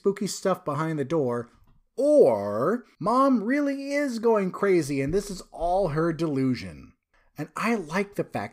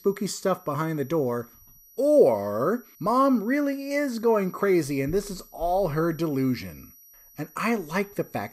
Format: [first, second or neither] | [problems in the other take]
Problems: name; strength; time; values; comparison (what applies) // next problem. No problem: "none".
first | high-pitched whine; faint; throughout; 12 kHz, 25 dB below the speech